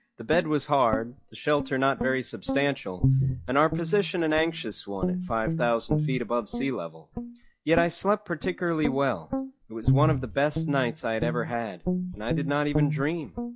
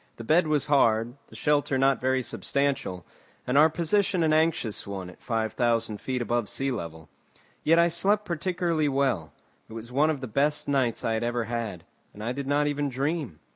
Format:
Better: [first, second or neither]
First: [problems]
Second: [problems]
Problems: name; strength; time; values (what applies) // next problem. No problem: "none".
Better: second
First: noise reduction (classical method log-MMSE)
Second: none